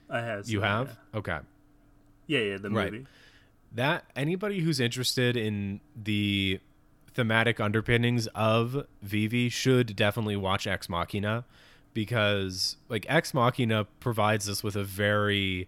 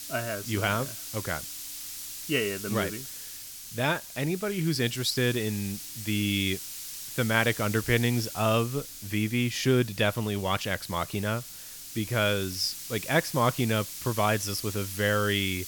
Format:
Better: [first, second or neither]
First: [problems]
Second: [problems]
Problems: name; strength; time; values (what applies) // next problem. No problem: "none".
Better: first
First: none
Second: hiss; loud; throughout; 9 dB below the speech